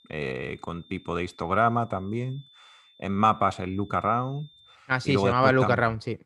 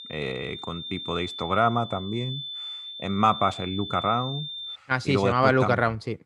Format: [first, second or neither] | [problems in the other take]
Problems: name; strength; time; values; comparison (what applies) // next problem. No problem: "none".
first | high-pitched whine; loud; until 5 s; 3.5 kHz, 10 dB below the speech; faint in the first